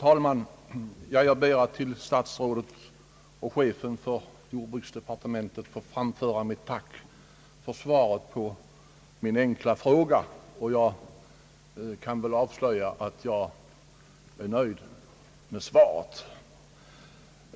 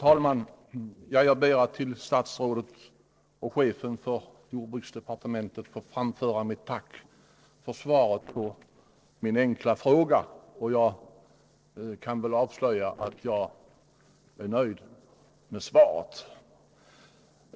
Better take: first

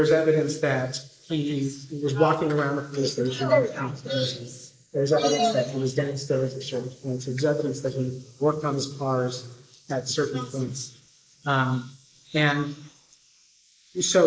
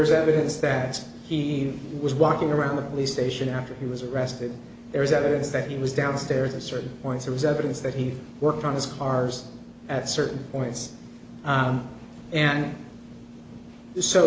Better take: second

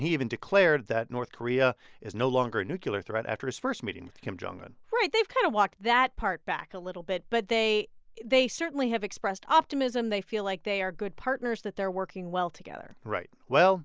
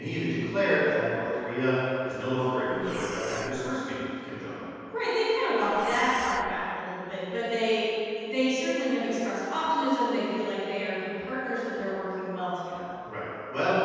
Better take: first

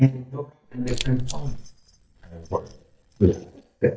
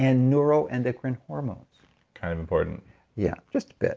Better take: second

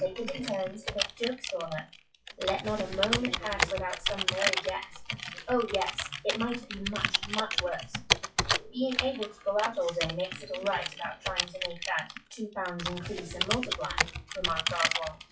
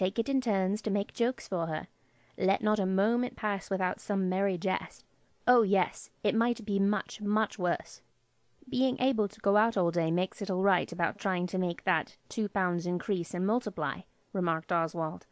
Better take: second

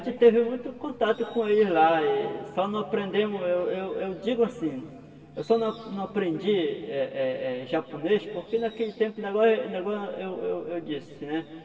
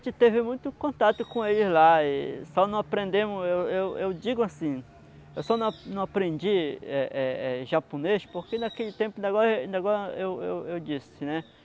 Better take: second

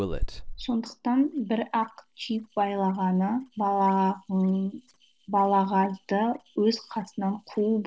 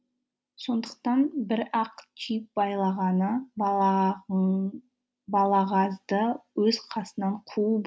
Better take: second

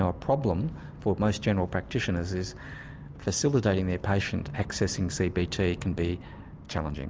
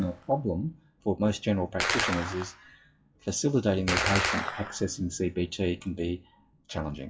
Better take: first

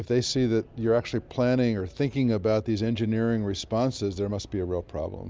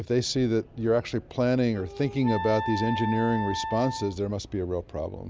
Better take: first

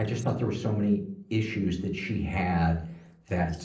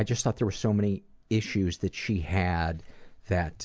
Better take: second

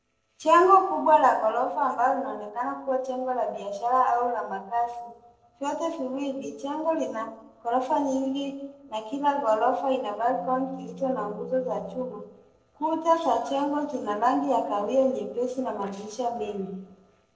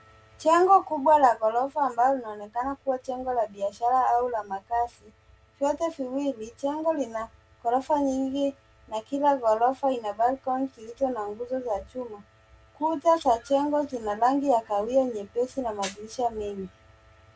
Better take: second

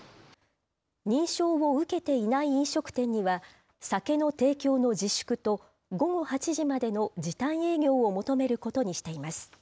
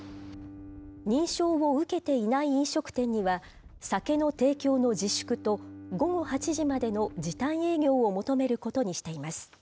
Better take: first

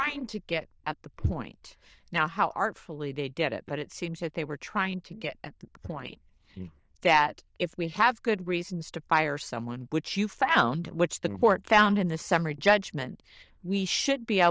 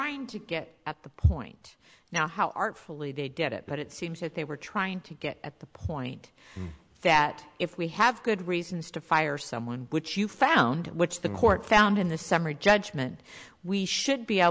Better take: second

